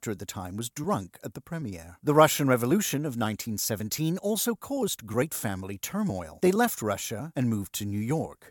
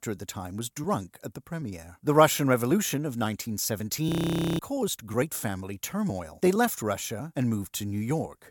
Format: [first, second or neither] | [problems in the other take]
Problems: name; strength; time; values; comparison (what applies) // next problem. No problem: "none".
first | audio freezing; at 4 s for 0.5 s